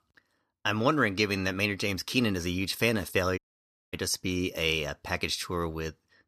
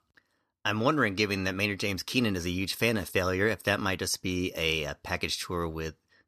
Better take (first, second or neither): second